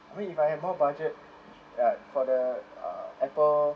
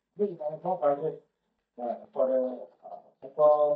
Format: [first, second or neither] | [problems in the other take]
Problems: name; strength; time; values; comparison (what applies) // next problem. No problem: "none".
first | noise reduction (neural mask model DeepFilterNet 3)